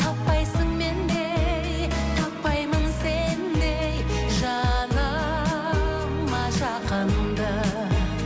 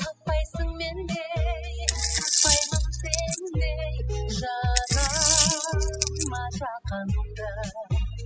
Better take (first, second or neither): first